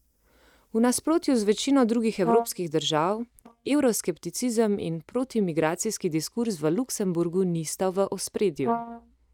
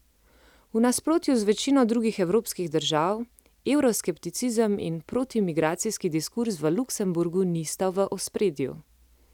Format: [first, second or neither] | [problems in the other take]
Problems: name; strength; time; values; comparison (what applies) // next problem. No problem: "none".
second | noise reduction (neural mask model DeepFilterNet 3)